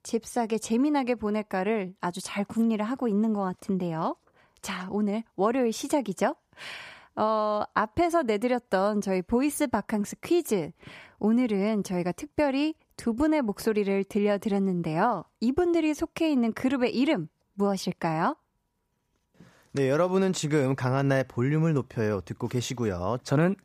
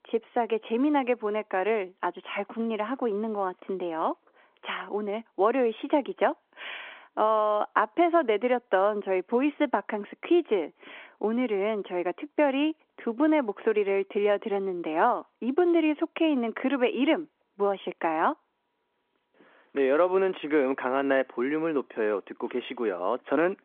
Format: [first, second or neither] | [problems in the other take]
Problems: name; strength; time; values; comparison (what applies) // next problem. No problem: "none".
first | phone-call audio